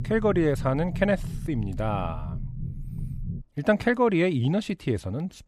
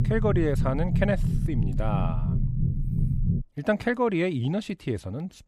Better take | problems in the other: first | low rumble; loud; until 3.5 s; 10 dB below the speech; faint in the first

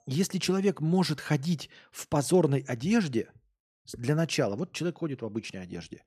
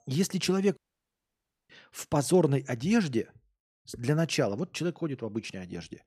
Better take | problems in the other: first | audio cutting out; at 1 s for 1 s

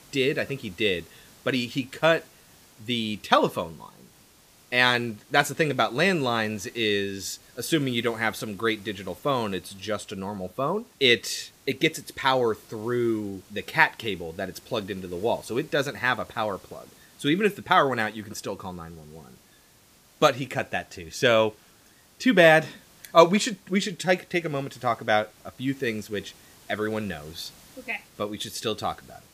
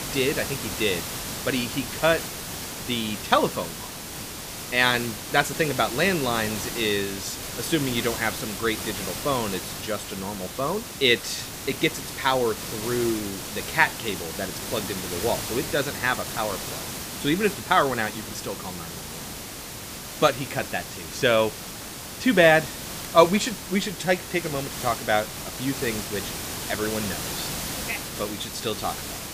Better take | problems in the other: first | hiss; loud; throughout; 7 dB below the speech; faint in the first

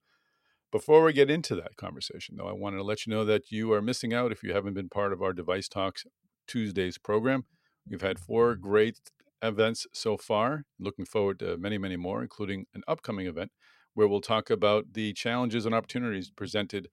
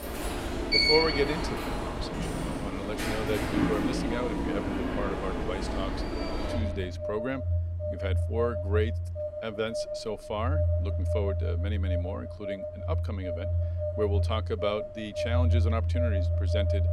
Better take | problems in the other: first | alarms or sirens; very loud; throughout; 4 dB above the speech

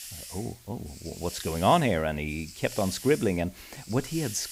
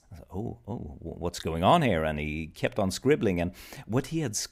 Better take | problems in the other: second | hiss; noticeable; throughout; 15 dB below the speech

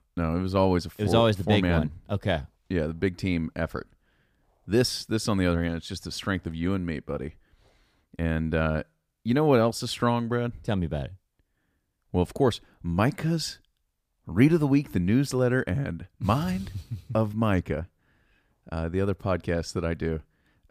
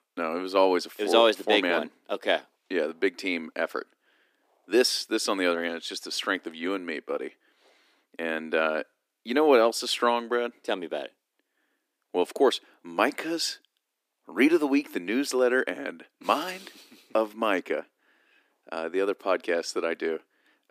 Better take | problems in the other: first | thin; somewhat; fading below 300 Hz

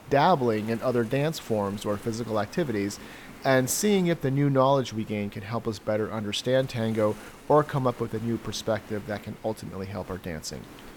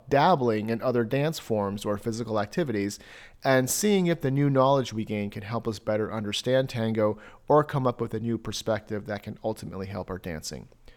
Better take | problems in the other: second | hiss; noticeable; throughout; 20 dB below the speech

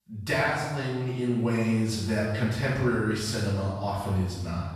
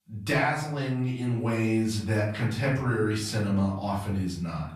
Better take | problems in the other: second | room echo; strong; dies away in 1.1 s; slight in the second // off-mic speech; far; far in the second

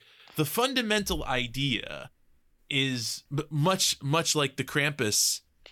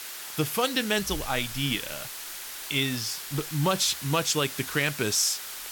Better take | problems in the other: first | hiss; loud; throughout; 9 dB below the speech

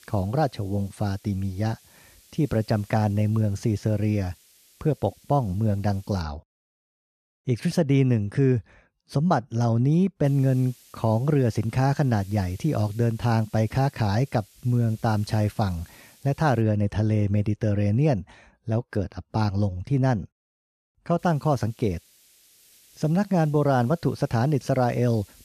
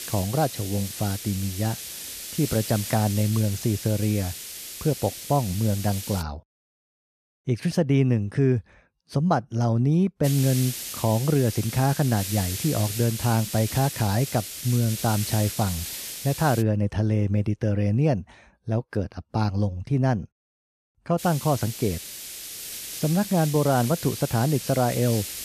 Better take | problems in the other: first | hiss; loud; until 6 s, from 10 to 17 s and from 21 s on; 8 dB below the speech; faint in the first

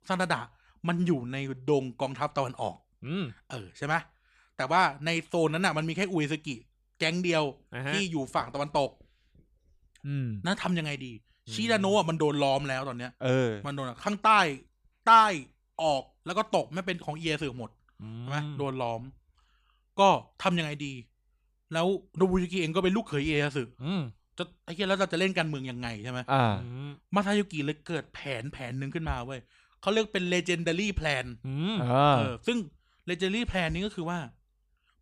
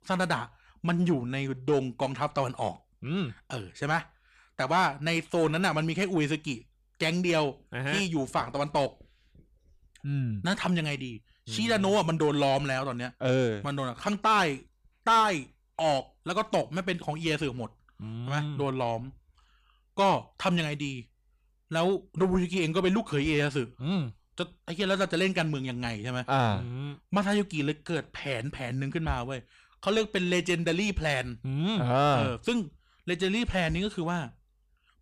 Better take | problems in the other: first | distortion; slight; 10 dB below the speech

